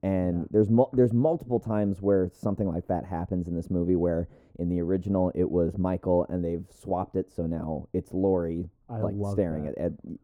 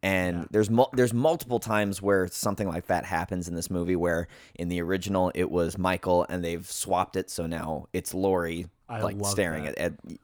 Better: second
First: muffled; very; fading above 1 kHz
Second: none

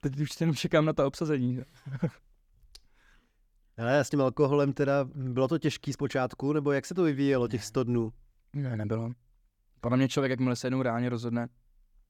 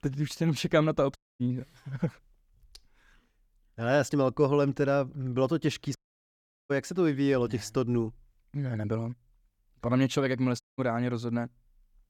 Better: first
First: none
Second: audio cutting out; at 1 s, at 6 s for 0.5 s and at 11 s

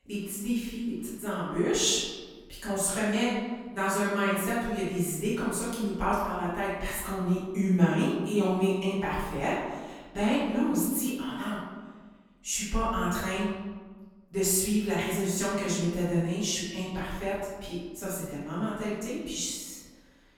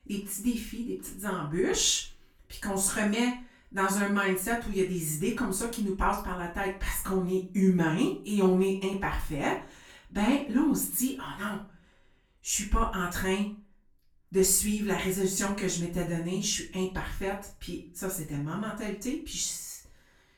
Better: second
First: room echo; strong; dies away in 1.3 s // off-mic speech; far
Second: room echo; slight; dies away in 0.3 s // off-mic speech; far

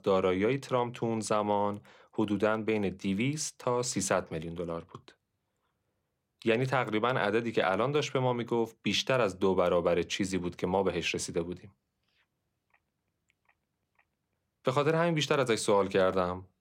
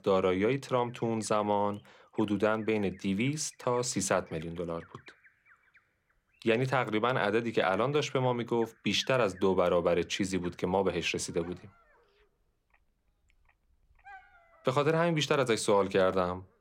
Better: first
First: none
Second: animal sounds; faint; throughout; 30 dB below the speech

